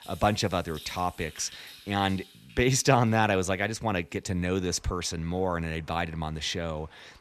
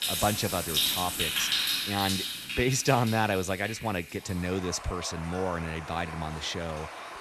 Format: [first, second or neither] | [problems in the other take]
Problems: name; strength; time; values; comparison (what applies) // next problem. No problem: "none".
first | rain or running water; loud; throughout; 1 dB below the speech; faint in the first